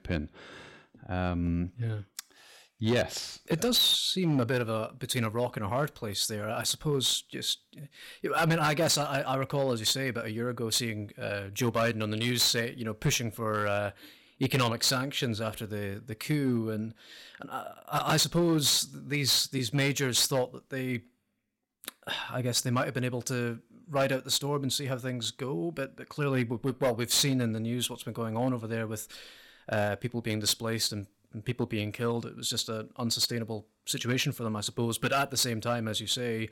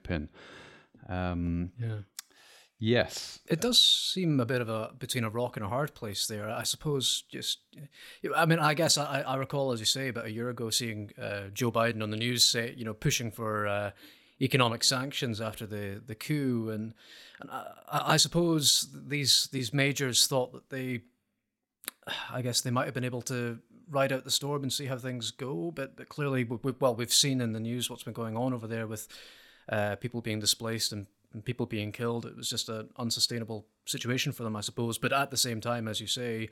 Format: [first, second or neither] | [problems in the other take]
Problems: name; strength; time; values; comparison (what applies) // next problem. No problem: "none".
second | distortion; slight; 4% of the sound clipped